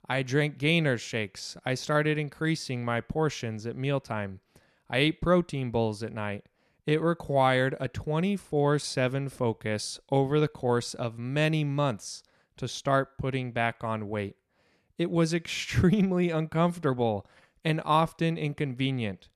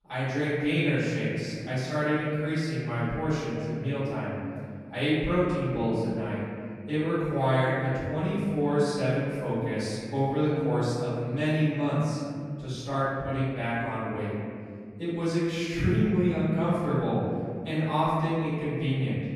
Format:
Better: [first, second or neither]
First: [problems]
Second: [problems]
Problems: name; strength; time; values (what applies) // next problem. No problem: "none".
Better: first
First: none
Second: off-mic speech; far // room echo; strong; dies away in 2.4 s